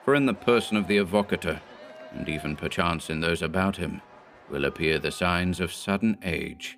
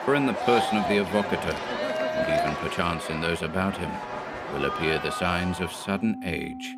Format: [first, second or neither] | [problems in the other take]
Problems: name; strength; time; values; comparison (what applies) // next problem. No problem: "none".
first | background music; loud; throughout; 3 dB below the speech; faint in the first